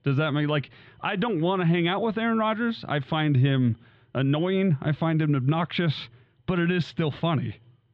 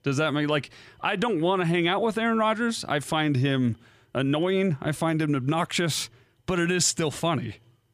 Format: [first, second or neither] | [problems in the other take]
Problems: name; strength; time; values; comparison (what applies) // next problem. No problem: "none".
second | muffled; very; fading above 3.5 kHz